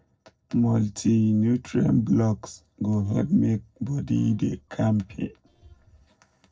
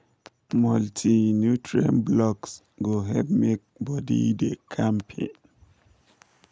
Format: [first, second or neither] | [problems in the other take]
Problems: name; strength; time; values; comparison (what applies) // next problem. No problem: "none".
second | noise reduction (neural separator model SepFormer DNS4)